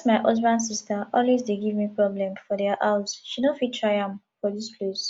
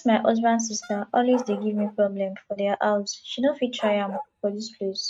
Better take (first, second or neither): first